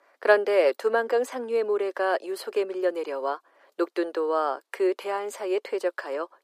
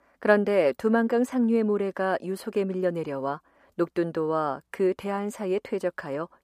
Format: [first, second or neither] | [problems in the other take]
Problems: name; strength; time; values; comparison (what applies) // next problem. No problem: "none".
second | thin; very; fading below 350 Hz